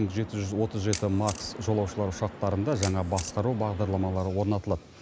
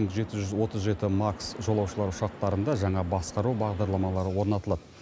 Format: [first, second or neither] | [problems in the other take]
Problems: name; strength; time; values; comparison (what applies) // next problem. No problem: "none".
second | background sound (Camera); 15 dB below the speech